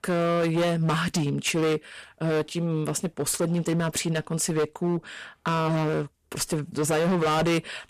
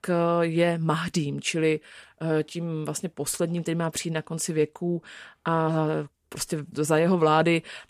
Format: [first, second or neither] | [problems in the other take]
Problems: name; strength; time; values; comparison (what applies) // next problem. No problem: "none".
second | distortion; heavy; 17% of the sound clipped